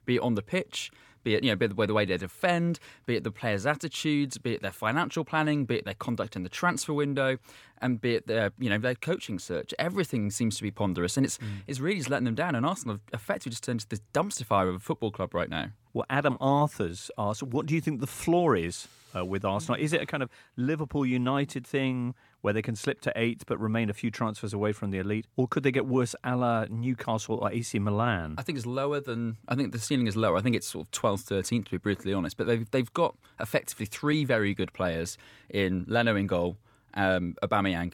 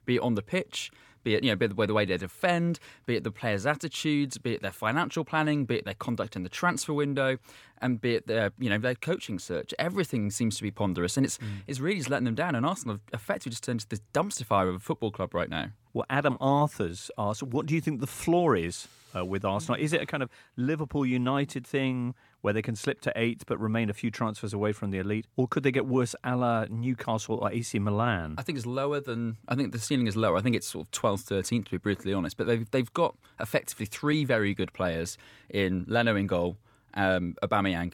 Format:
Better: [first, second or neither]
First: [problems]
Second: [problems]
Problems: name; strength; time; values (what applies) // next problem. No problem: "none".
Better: neither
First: none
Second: none